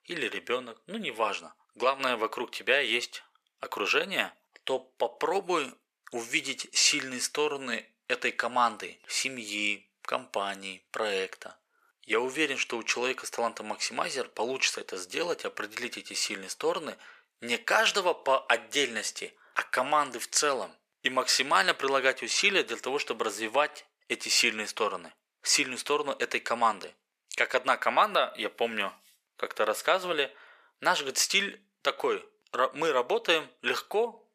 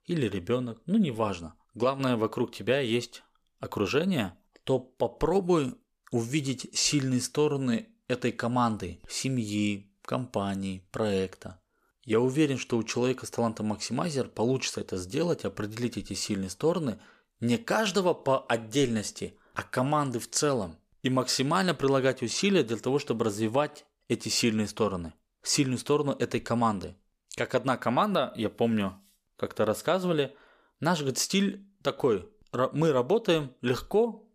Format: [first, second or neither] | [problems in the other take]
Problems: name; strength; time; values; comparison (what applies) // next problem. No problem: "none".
second | thin; very; fading below 550 Hz